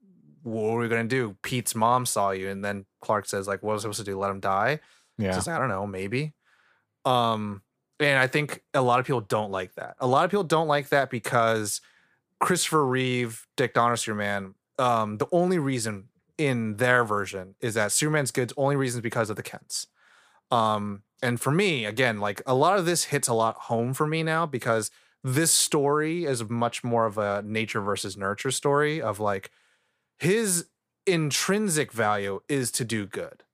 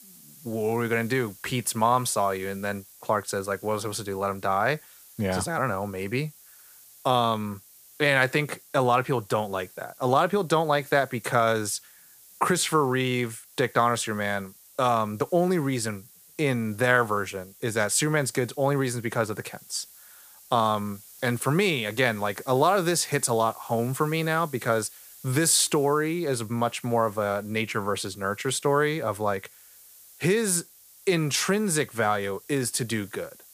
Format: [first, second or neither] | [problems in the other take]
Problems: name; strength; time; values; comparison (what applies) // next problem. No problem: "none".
first | hiss; faint; throughout; 20 dB below the speech